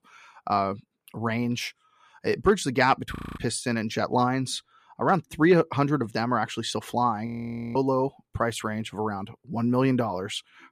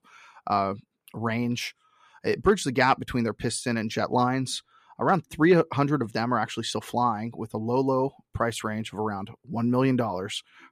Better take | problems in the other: second | audio freezing; at 3 s and at 7.5 s

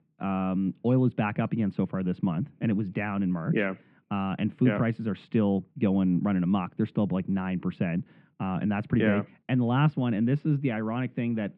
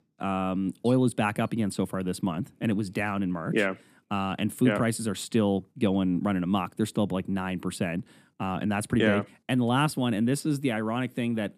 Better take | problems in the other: second | muffled; very; fading above 2.5 kHz

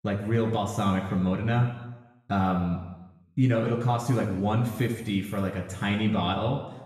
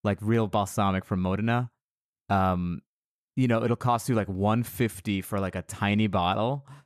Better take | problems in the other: second | room echo; noticeable; dies away in 1 s // off-mic speech; far

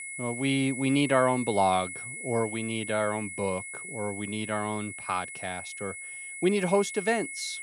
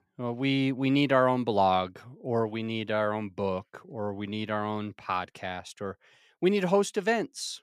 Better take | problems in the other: second | high-pitched whine; loud; throughout; 2 kHz, 8 dB below the speech

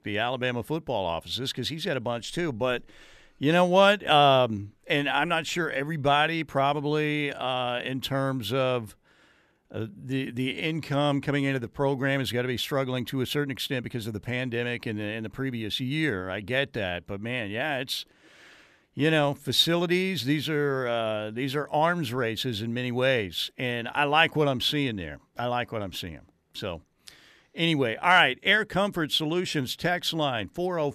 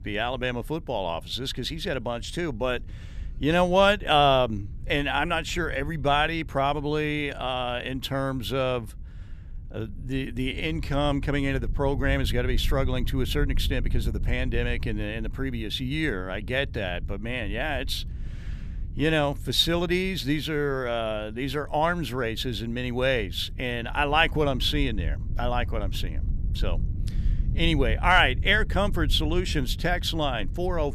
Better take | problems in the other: first | low rumble; faint; throughout; 25 dB below the speech

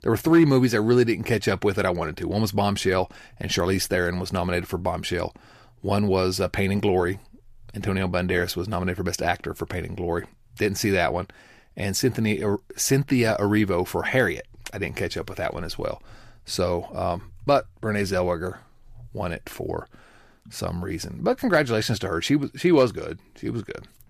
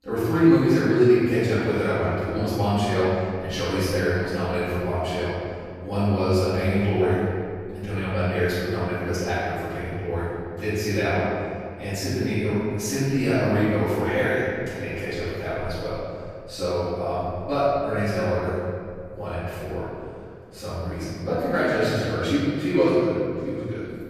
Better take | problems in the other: first | off-mic speech; far // room echo; strong; dies away in 2.1 s

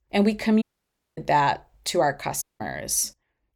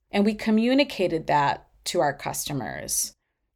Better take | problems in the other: second | audio cutting out; at 0.5 s for 0.5 s and at 2.5 s

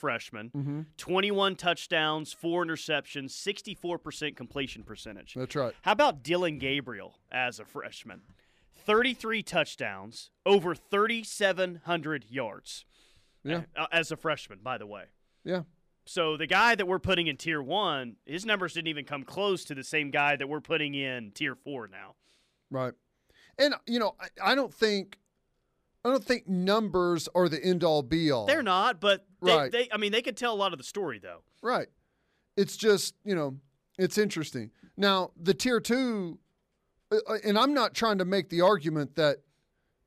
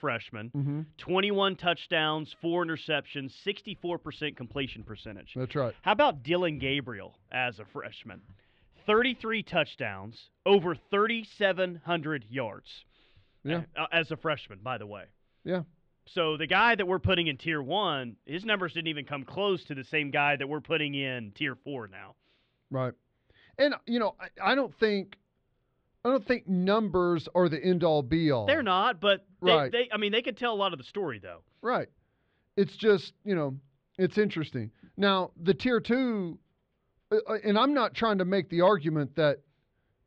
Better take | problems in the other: first | muffled; slightly; fading above 3.5 kHz

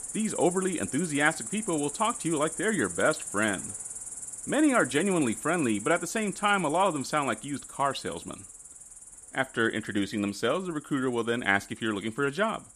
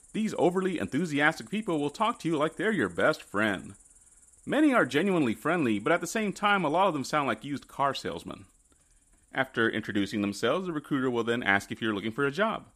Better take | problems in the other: second | animal sounds; loud; throughout; 9 dB below the speech; faint in the second

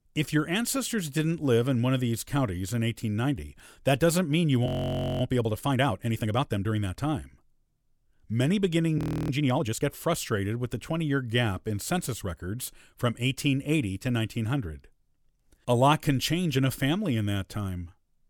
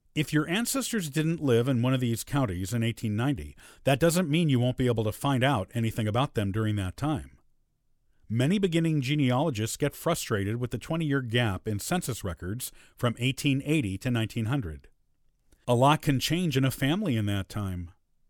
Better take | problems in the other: second | audio freezing; at 4.5 s for 0.5 s and at 9 s

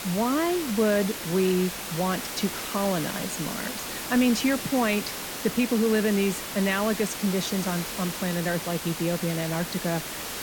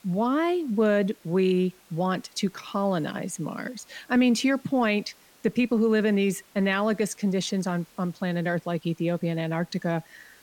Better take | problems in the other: second | hiss; loud; throughout; 6 dB below the speech; faint in the second

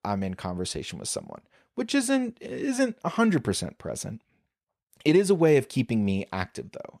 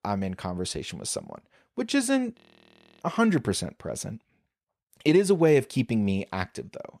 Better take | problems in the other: first | audio freezing; at 2.5 s for 0.5 s

